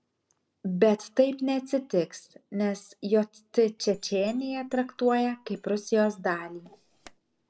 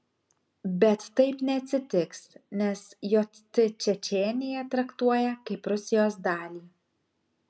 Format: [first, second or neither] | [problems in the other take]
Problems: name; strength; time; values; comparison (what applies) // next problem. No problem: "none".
second | noise reduction (neural separator model SepFormer DNS4)